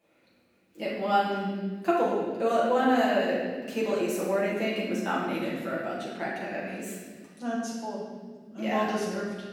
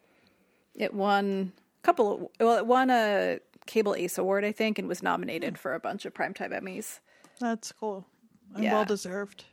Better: second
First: off-mic speech; far // room echo; strong; dies away in 1.5 s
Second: none

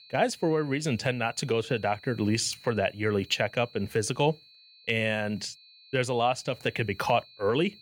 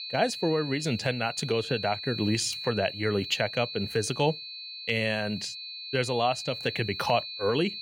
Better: first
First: high-pitched whine; faint; throughout; 4 kHz, 25 dB below the speech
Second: high-pitched whine; loud; throughout; 4 kHz, 7 dB below the speech

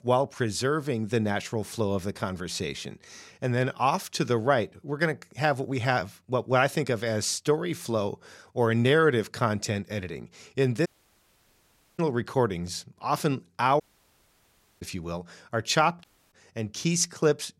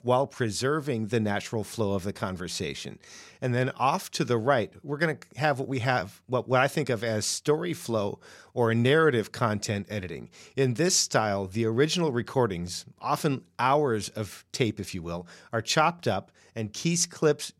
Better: second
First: audio cutting out; at 11 s for 1 s, at 14 s for 1 s and at 16 s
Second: none

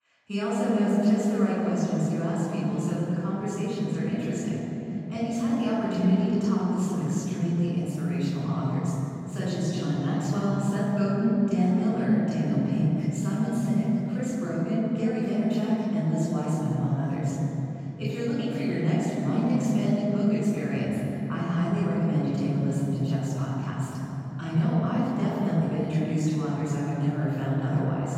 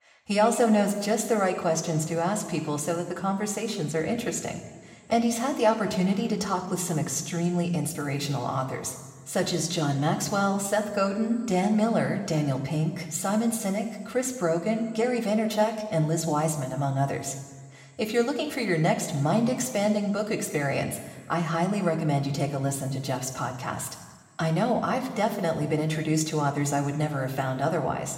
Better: second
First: room echo; strong; dies away in 3 s // off-mic speech; far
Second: room echo; slight; dies away in 1.4 s

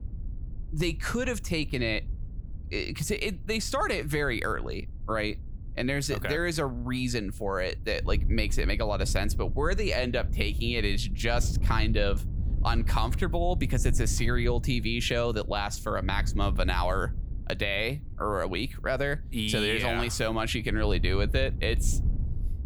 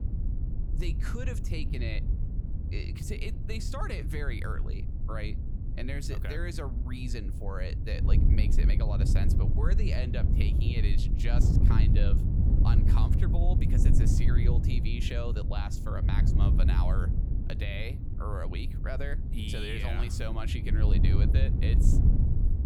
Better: first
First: wind noise on the microphone; occasional gusts; 20 dB below the speech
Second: wind noise on the microphone; heavy; 3 dB below the speech

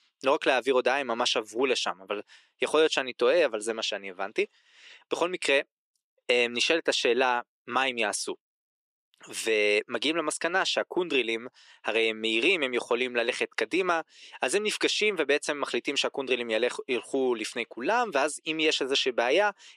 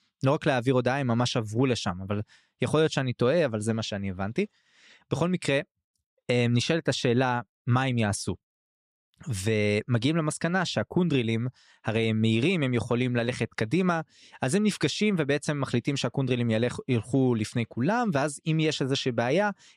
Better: second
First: thin; very; fading below 350 Hz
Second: none

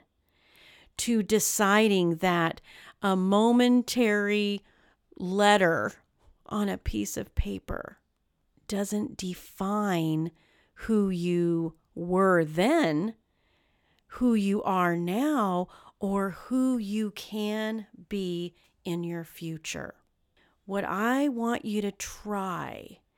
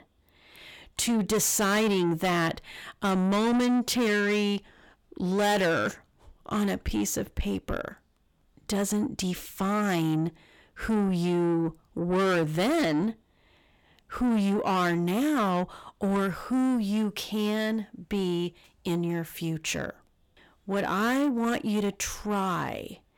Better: first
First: none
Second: distortion; heavy; 7 dB below the speech

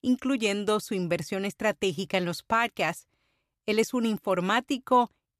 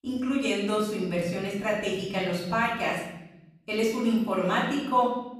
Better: first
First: none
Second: off-mic speech; far // room echo; noticeable; dies away in 0.9 s

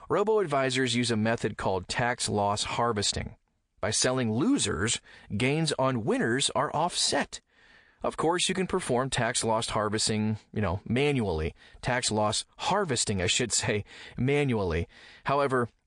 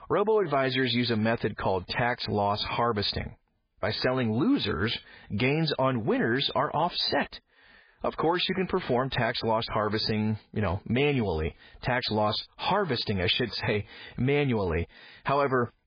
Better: first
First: garbled, watery; slightly; nothing above 8.5 kHz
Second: garbled, watery; badly; nothing above 5 kHz

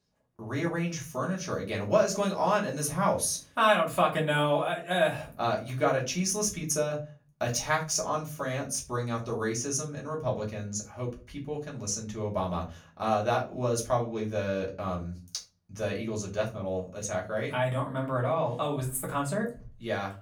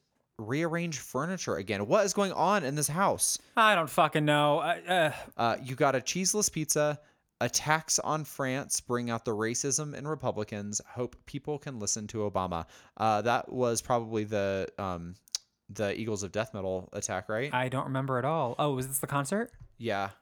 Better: second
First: off-mic speech; far // room echo; very slight; dies away in 0.3 s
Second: none

